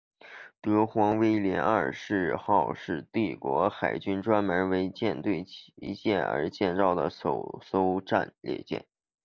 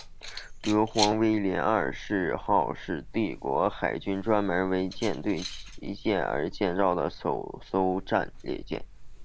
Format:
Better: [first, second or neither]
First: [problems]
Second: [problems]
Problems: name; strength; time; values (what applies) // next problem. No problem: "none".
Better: first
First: none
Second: background sound (Keys jangling); 12 dB below the speech